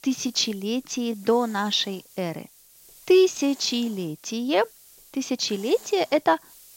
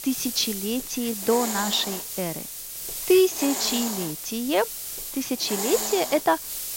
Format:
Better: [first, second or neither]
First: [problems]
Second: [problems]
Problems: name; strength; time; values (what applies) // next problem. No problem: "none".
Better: first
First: hiss; faint; throughout; 25 dB below the speech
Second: hiss; loud; throughout; 4 dB below the speech